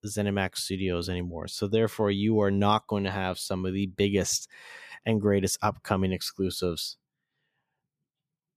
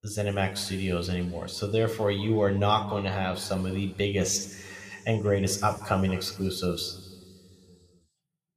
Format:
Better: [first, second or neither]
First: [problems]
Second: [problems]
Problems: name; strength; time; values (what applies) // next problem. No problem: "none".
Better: first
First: none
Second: room echo; slight; dies away in 2.7 s